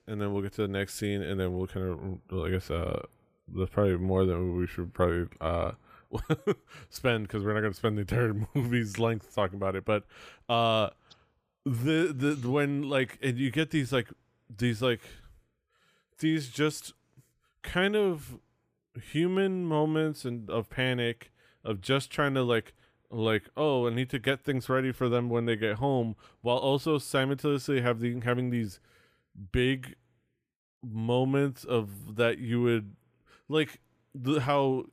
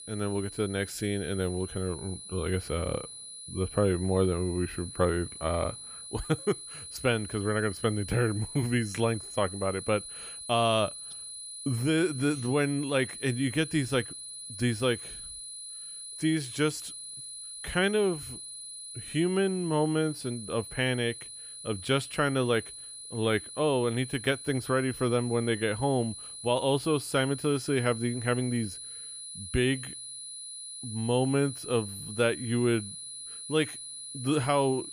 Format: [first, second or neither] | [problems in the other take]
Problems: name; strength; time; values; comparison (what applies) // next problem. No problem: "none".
first | high-pitched whine; noticeable; throughout; 10 kHz, 10 dB below the speech